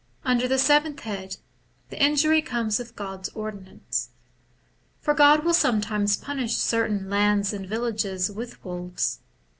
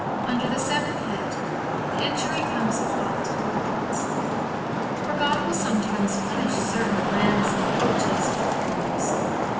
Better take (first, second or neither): first